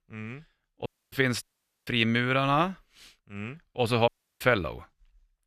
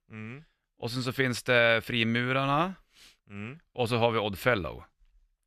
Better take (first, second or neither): second